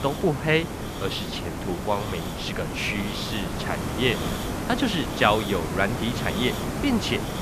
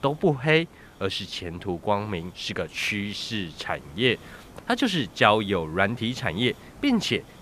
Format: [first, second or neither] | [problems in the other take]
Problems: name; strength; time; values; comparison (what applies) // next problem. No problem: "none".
second | hiss; loud; throughout; 4 dB below the speech; faint in the second